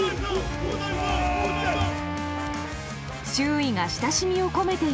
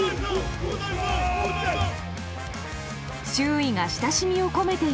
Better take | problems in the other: second | background sound (Wind instrument, woodwind instrument); 8 dB below the speech

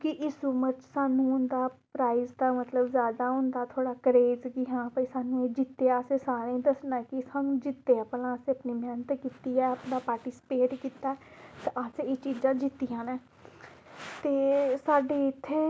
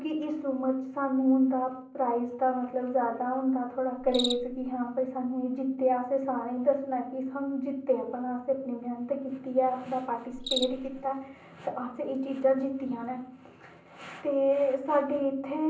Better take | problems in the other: first | background sound (Cricket); 16 dB below the speech // room echo; dies away in 0.6 s

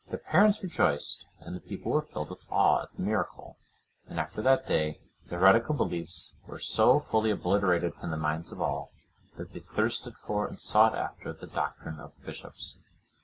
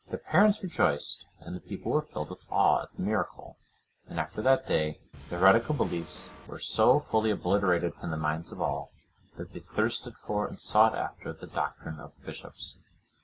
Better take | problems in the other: first | background sound (Drum kit); 19 dB below the speech

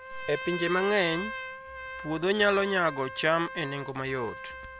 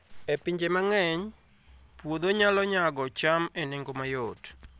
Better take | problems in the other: second | background sound (Trumpet); 10 dB below the speech

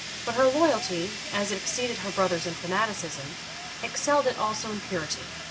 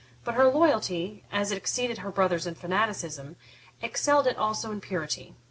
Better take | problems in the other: second | background sound (Fire); 8 dB below the speech

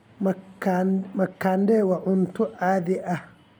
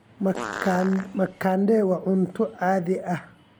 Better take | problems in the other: first | background sound (Fart); 11 dB below the speech

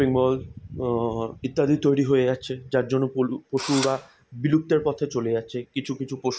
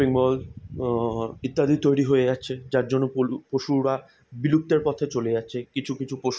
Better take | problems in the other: second | background sound (Engine / Drill); 9 dB below the speech

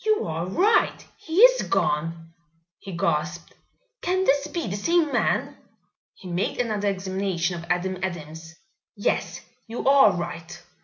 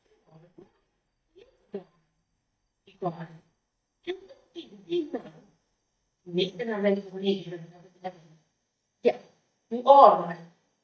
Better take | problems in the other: first | noise reduction (neural mask model DeepFilterNet 3)

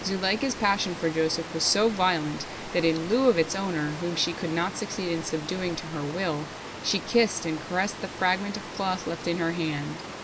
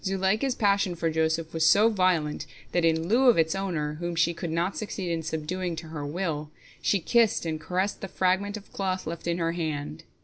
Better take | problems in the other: second | background sound (Water); 11 dB below the speech

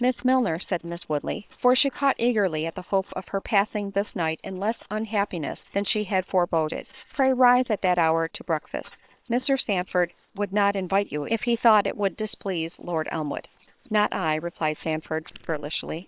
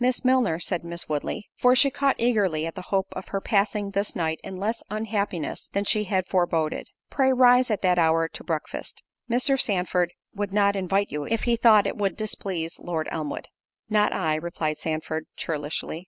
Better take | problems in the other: second | noise reduction (neural separator model SepFormer WHAM!)

